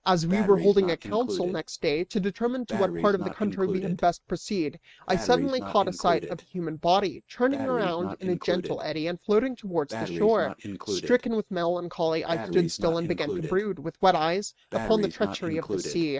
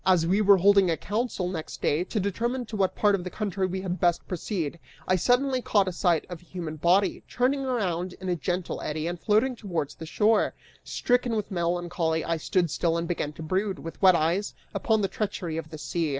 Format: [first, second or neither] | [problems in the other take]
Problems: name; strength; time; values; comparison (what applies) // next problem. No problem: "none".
second | noise reduction (neural mask model RNNoise)